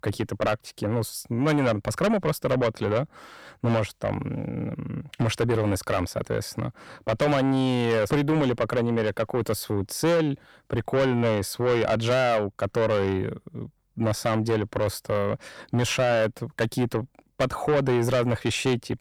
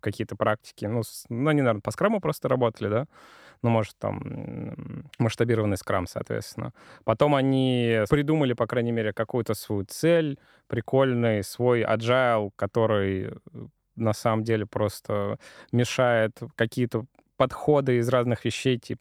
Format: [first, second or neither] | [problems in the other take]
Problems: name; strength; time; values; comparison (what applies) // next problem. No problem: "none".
second | distortion; heavy; 7 dB below the speech